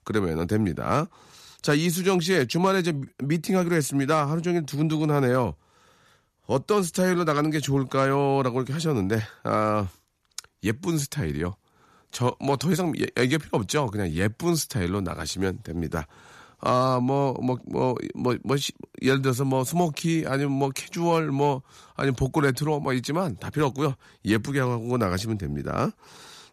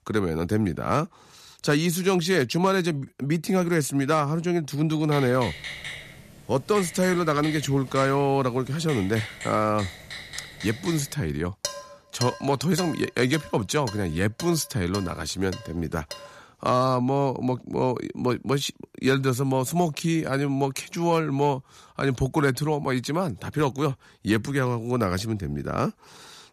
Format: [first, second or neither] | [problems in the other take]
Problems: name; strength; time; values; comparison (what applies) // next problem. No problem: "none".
first | keyboard typing; noticeable; from 5 to 11 s; peak 8 dB below the speech // clattering dishes; noticeable; from 12 to 16 s; peak 7 dB below the speech